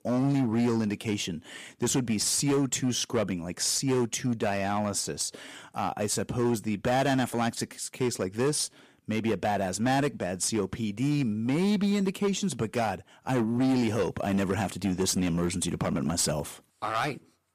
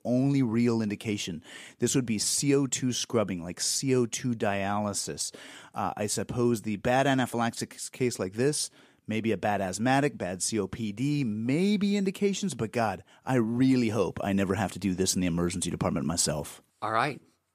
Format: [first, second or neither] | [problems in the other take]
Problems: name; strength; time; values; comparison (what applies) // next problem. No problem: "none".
second | distortion; slight; 10% of the sound clipped